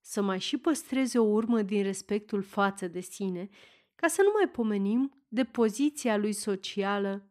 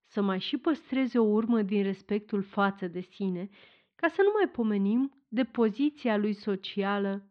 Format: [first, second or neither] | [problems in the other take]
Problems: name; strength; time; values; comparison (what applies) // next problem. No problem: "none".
first | muffled; slightly; fading above 4 kHz